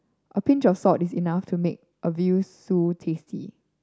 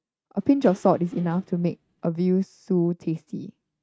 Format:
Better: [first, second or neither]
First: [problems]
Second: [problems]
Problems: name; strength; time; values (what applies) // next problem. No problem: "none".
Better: first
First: none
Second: noise reduction (neural mask model RNNoise)